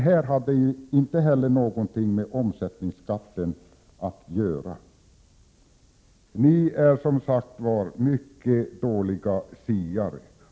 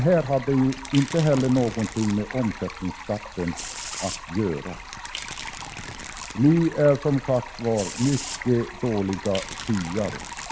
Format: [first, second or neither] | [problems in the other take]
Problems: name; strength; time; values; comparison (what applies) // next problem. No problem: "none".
first | background sound (Domestic sounds, home sounds + Stream); 11 dB below the speech